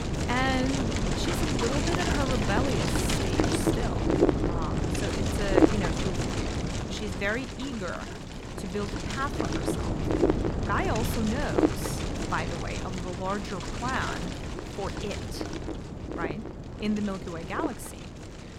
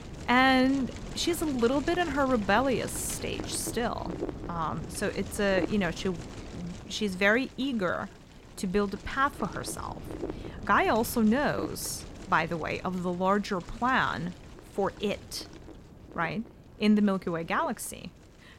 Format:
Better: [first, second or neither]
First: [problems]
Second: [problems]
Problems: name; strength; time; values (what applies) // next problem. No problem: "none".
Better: second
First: wind noise on the microphone; heavy; 2 dB above the speech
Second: wind noise on the microphone; occasional gusts; 15 dB below the speech